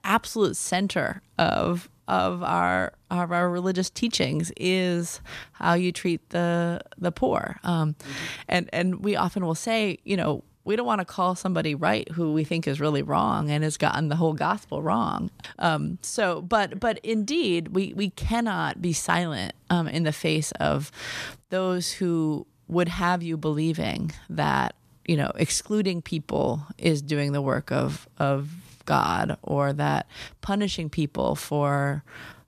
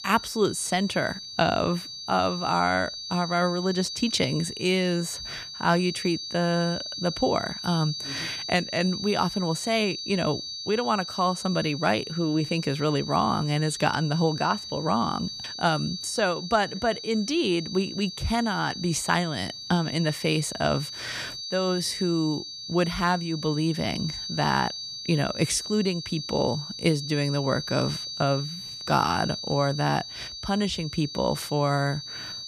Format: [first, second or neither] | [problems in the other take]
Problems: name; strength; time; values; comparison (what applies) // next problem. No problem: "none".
first | high-pitched whine; loud; throughout; 4.5 kHz, 8 dB below the speech